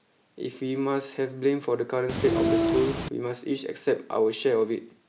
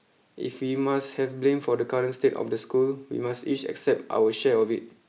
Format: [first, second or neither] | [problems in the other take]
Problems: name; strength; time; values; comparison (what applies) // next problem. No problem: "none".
second | background sound (Train); 2 dB above the speech